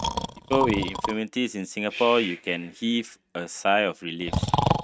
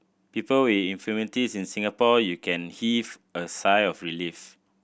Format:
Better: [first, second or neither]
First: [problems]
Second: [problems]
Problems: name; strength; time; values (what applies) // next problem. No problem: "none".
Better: second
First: noise reduction (neural mask model RNNoise)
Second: none